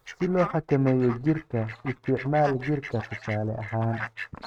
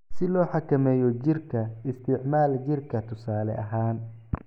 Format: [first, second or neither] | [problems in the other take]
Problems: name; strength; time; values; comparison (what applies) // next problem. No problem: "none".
second | noise reduction (neural mask model RNNoise)